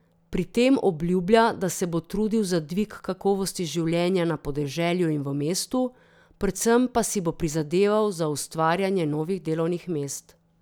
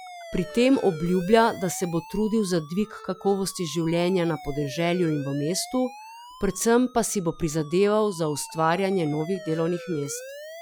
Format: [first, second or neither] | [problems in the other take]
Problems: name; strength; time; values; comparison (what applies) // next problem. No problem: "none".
first | noise reduction (classical method Wiener filter)